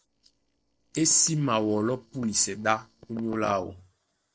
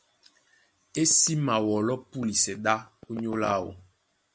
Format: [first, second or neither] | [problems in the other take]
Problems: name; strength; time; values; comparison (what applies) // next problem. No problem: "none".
second | noise reduction (neural separator model SepFormer DNS4)